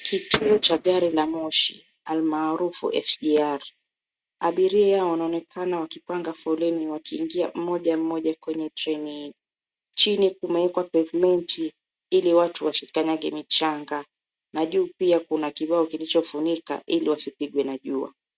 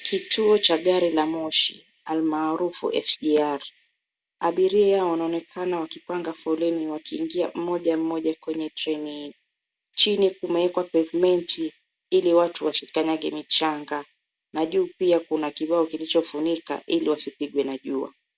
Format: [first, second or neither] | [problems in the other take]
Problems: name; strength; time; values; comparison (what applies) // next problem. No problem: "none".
second | noise reduction (neural mask model RNNoise)